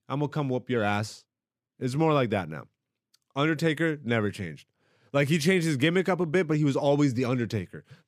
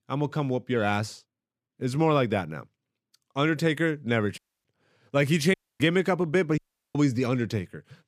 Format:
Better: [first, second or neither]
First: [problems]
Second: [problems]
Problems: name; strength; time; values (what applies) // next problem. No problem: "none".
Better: first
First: none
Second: audio cutting out; at 4.5 s, at 5.5 s and at 6.5 s